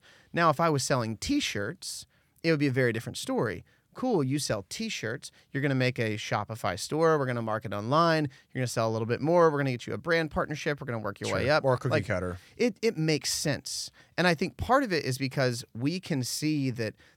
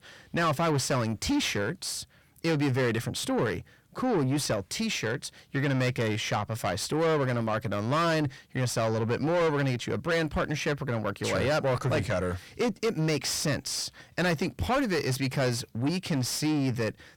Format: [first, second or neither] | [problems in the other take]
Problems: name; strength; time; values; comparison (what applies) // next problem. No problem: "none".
first | distortion; heavy; 7 dB below the speech